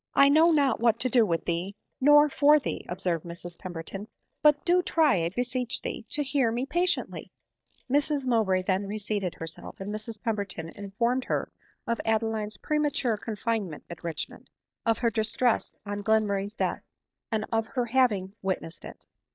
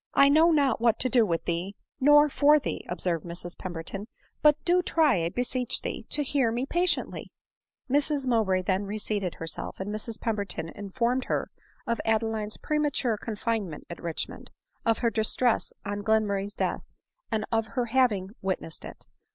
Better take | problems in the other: second | noise reduction (neural mask model DeepFilterNet 3)

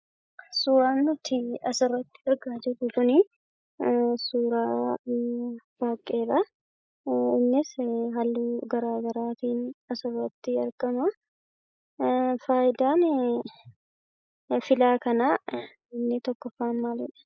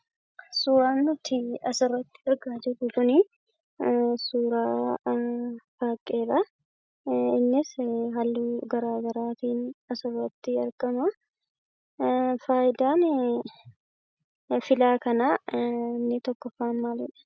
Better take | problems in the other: second | noise reduction (neural mask model Resemble Enhance denoiser)

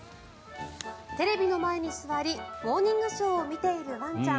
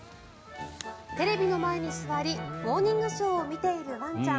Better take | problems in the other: first | background sound (Electric guitar); 9 dB below the speech

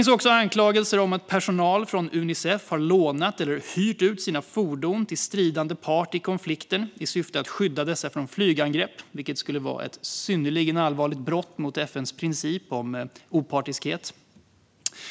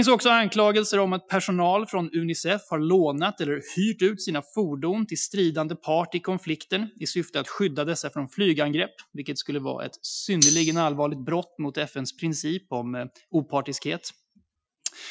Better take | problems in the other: first | noise reduction (classical method Wiener filter)

